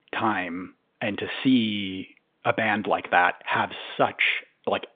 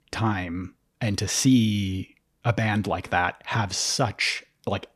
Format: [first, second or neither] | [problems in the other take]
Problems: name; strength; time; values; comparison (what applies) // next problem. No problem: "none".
second | phone-call audio